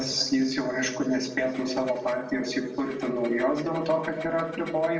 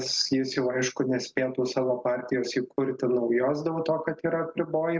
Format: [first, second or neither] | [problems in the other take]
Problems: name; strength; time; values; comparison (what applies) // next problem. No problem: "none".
second | background sound (Engine); 20 dB below the speech // room echo; dies away in 1.5 s